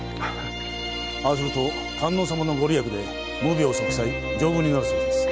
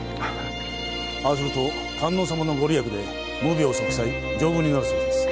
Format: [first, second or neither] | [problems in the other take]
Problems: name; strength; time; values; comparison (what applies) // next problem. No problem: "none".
first | background sound (Guitar); 20 dB below the speech